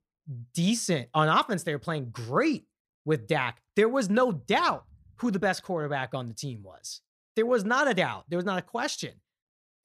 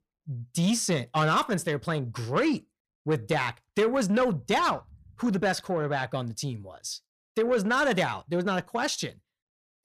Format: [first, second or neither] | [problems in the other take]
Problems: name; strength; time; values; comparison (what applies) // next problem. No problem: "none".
first | distortion; slight; 10 dB below the speech